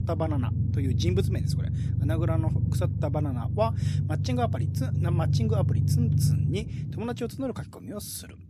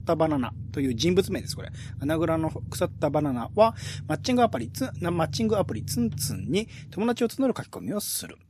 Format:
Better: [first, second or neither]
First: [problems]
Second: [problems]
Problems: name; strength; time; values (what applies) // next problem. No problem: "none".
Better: second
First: low rumble; loud; throughout; 5 dB below the speech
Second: low rumble; faint; throughout; 20 dB below the speech